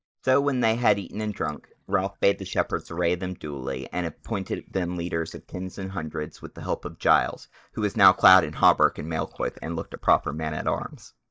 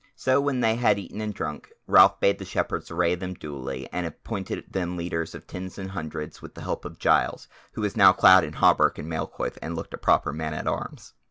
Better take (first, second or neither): second